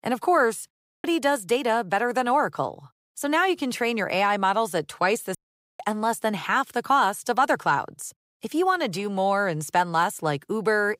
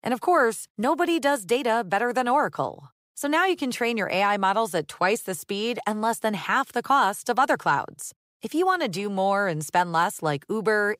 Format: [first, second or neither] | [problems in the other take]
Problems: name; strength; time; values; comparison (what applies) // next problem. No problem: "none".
second | audio cutting out; at 0.5 s and at 5.5 s